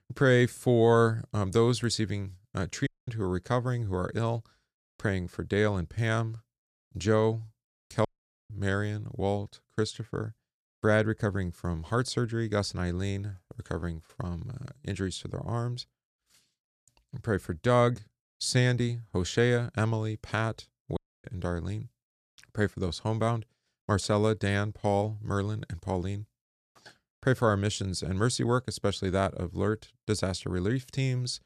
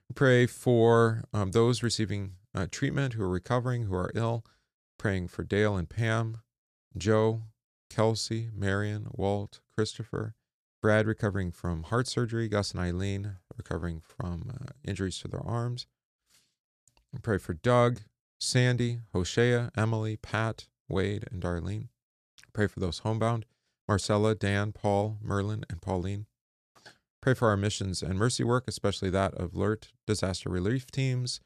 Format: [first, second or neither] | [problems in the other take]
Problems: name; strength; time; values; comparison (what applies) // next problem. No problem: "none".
second | audio cutting out; at 3 s, at 8 s and at 21 s